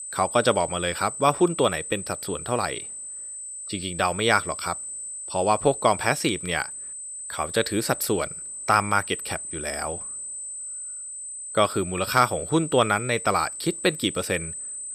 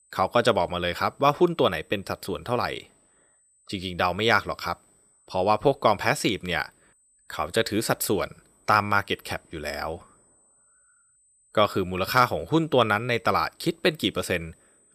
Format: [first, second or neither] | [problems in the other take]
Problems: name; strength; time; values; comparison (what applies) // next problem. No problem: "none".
second | high-pitched whine; loud; throughout; 8 kHz, 8 dB below the speech; faint in the second